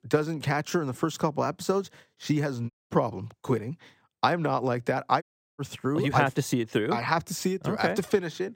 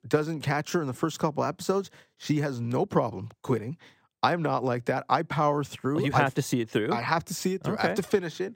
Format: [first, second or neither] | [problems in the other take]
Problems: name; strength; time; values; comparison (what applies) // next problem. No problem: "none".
second | audio cutting out; at 2.5 s and at 5 s